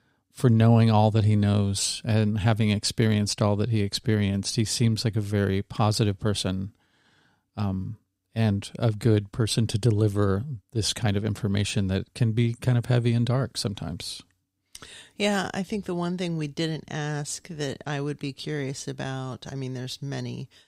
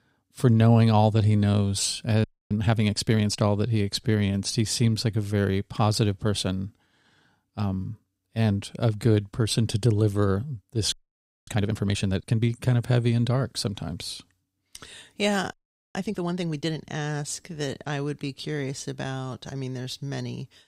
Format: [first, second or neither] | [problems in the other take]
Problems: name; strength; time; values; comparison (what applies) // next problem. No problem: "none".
first | audio freezing; at 2 s, at 11 s for 0.5 s and at 16 s